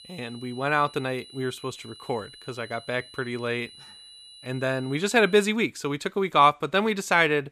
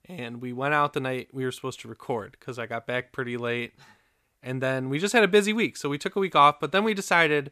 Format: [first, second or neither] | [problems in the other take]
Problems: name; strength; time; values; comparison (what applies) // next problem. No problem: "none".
second | high-pitched whine; noticeable; until 5.5 s; 4 kHz, 20 dB below the speech